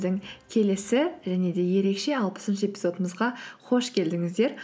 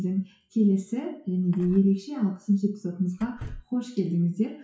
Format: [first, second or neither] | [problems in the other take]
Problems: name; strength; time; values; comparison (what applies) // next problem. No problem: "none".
first | noise reduction (classical method WPE with log-MMSE)